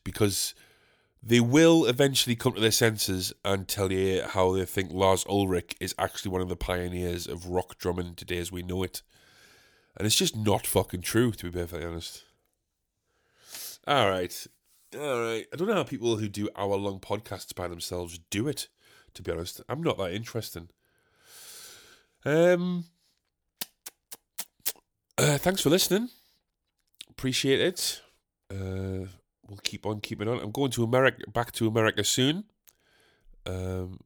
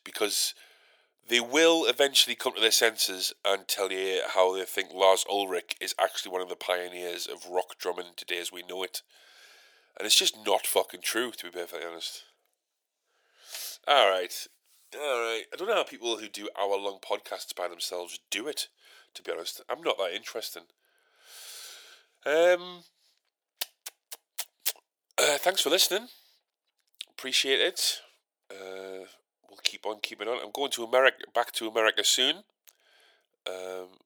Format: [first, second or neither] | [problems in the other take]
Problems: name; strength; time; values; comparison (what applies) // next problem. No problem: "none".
first | thin; very; fading below 450 Hz